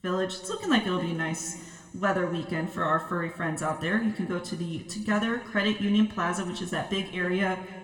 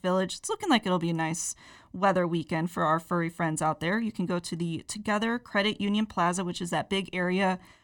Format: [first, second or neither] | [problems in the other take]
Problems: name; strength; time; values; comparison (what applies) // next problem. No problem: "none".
second | room echo; slight; dies away in 1.8 s